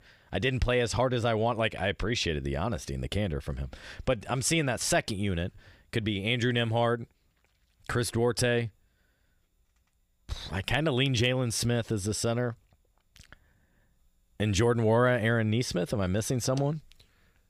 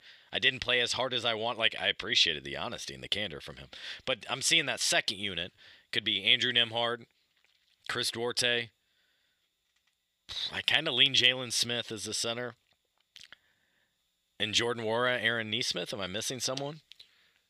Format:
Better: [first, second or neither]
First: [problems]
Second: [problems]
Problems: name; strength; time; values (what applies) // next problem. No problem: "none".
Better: first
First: none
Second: thin; somewhat; fading below 450 Hz